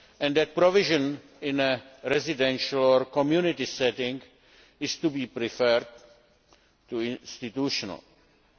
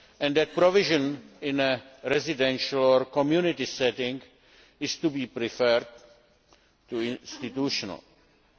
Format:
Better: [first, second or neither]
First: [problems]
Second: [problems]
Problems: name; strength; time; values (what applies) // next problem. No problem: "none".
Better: first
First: none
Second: background sound (Cough); 19 dB below the speech